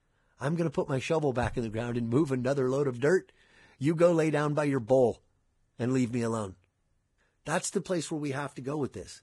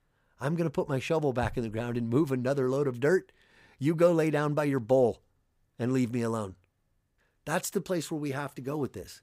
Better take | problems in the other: second | garbled, watery; badly; nothing above 10.5 kHz

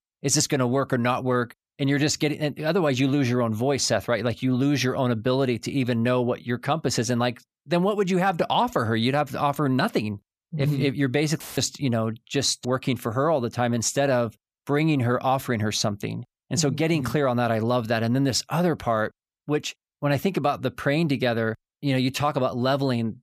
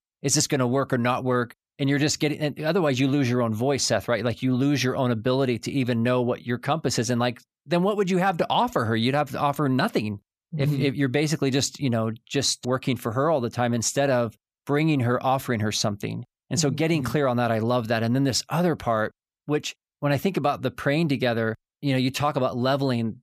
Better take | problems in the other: second | audio cutting out; filled with static; at 11 s

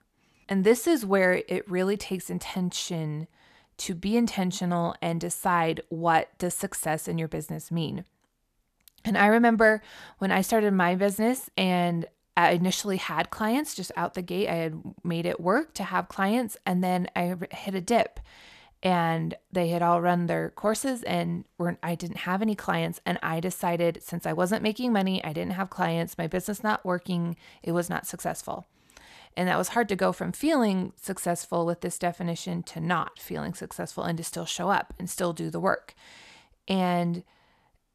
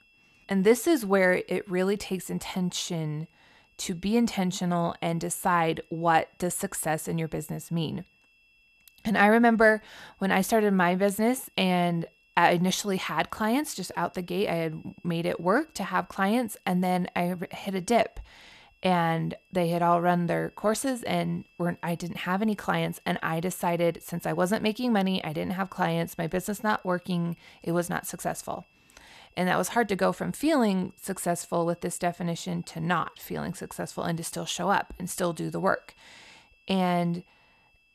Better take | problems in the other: first | high-pitched whine; faint; throughout; 2.5 kHz, 35 dB below the speech

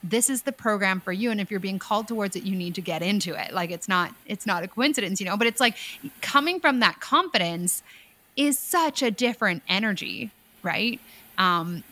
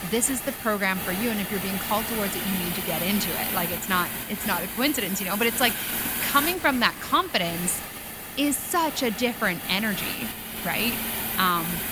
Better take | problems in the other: first | hiss; loud; throughout; 3 dB below the speech; faint in the first

